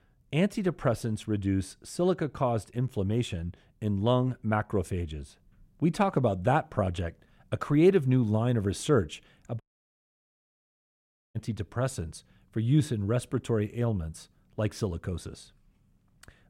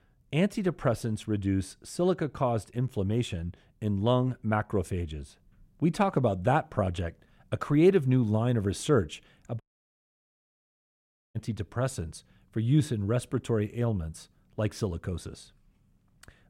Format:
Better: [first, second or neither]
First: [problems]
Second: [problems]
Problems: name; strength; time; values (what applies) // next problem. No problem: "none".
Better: neither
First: audio cutting out; at 9.5 s for 1.5 s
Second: audio cutting out; at 9.5 s for 1.5 s